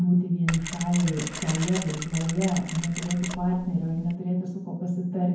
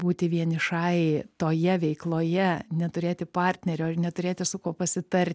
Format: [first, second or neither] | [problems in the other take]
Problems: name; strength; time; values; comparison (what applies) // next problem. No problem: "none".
second | background sound (Mechanisms); 10 dB below the speech // room echo; dies away in 0.9 s